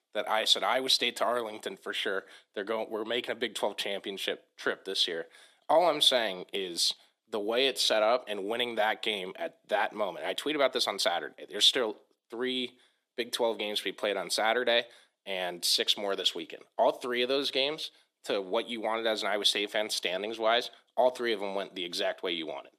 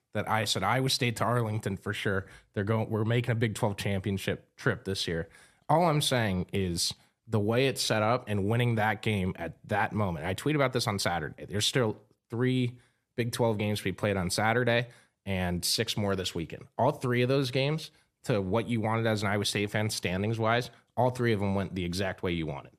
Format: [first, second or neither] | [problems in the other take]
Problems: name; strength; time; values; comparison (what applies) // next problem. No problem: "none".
second | thin; very; fading below 300 Hz